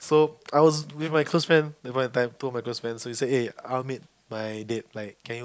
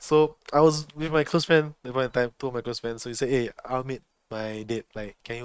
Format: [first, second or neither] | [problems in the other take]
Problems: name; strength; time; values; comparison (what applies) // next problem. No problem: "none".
first | noise reduction (neural mask model RNNoise)